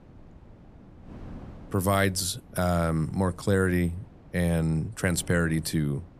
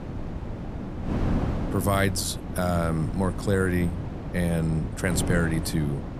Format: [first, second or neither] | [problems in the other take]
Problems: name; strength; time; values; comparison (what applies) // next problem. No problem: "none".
first | wind noise on the microphone; heavy; 9 dB below the speech; occasional gusts in the first